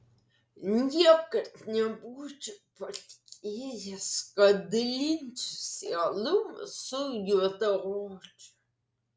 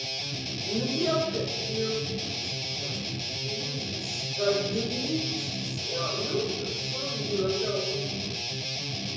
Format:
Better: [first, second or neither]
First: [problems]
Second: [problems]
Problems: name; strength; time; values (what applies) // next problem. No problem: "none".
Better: first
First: none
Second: background sound (Guitar); 2 dB above the speech // room echo; dies away in 1.1 s